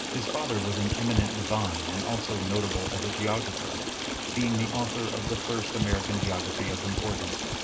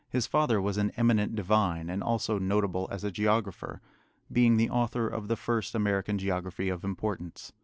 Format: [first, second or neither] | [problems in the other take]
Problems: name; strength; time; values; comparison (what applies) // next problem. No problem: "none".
second | background sound (Stream); as loud as the speech // room echo; dies away in 0.2 s